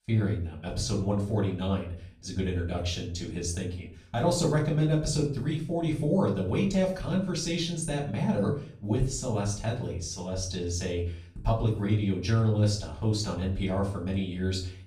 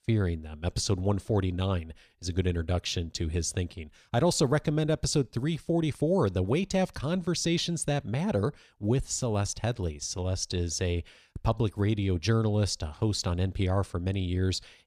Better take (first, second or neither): second